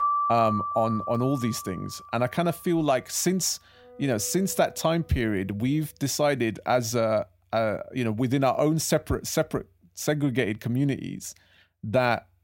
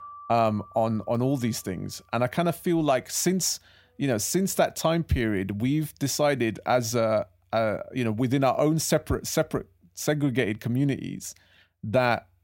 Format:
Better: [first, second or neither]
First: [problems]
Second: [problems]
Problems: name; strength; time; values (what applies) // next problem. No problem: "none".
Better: second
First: background music; loud; until 5.5 s; 5 dB below the speech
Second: background music; faint; until 5.5 s; 25 dB below the speech